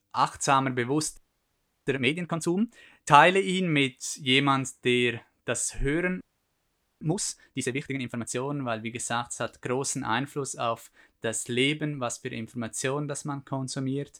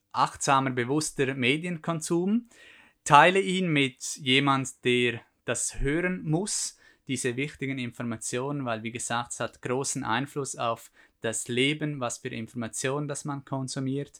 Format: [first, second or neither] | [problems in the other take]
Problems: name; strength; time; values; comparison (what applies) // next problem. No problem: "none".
second | audio freezing; at 1 s for 0.5 s and at 6 s for 1 s